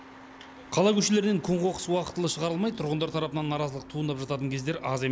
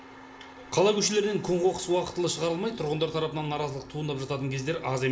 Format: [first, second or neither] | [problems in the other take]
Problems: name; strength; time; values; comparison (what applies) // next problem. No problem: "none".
first | room echo; dies away in 0.5 s